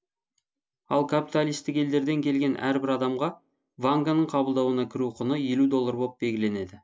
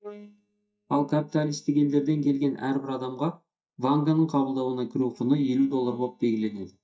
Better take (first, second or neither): first